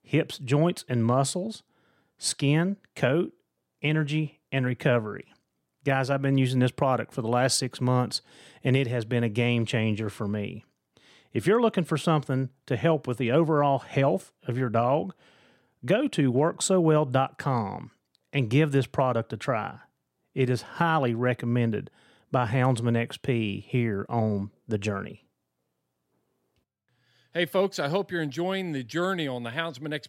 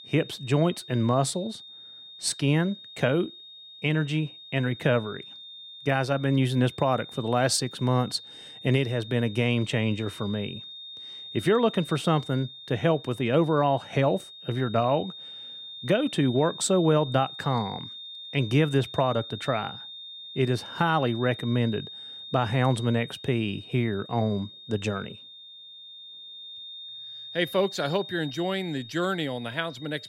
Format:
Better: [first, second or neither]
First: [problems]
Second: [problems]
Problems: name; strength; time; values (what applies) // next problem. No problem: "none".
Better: first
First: none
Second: high-pitched whine; noticeable; throughout; 3.5 kHz, 15 dB below the speech